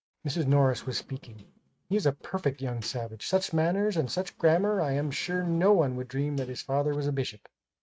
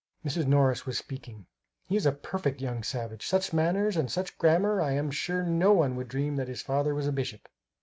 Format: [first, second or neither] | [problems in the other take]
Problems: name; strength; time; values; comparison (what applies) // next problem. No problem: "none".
second | noise reduction (neural mask model RNNoise)